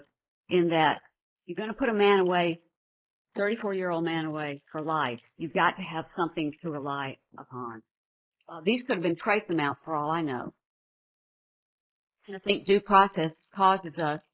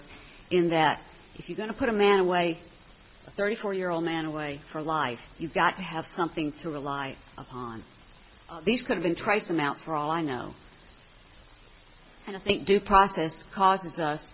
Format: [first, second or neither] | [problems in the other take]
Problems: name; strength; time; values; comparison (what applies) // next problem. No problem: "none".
second | noise reduction (neural mask model Resemble Enhance denoiser)